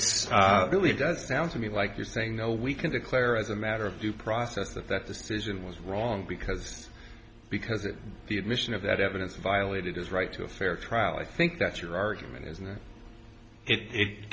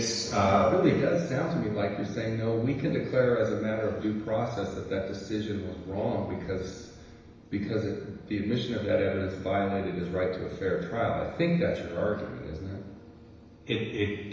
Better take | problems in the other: first | room echo; dies away in 1 s

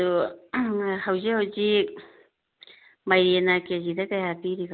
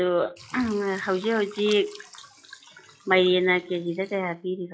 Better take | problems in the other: first | noise reduction (classical method log-MMSE)

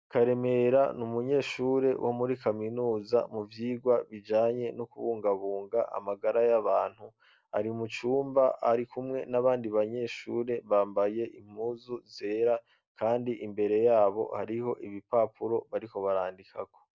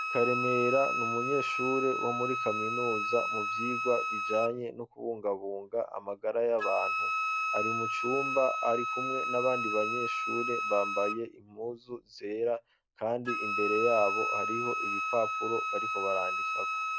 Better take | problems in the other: first | background sound (Wind instrument, woodwind instrument); 1 dB below the speech

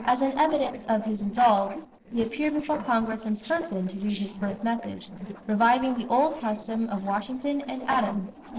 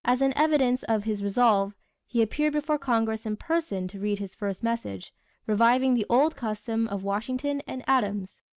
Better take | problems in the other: second | noise reduction (neural separator model SepFormer DNS4)

